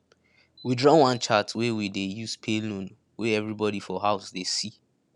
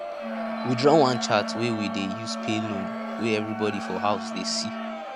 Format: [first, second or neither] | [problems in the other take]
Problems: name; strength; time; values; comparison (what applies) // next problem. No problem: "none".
first | background sound (Crowd + Wind instrument, woodwind instrument); 5 dB below the speech